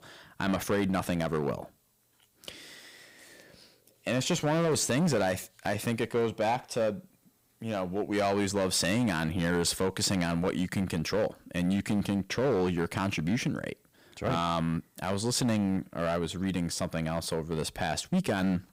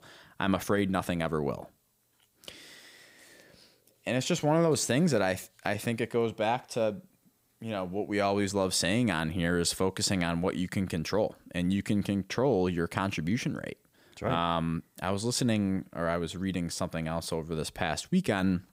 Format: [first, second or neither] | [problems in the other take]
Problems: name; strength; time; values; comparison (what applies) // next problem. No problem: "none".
second | distortion; slight; 7% of the sound clipped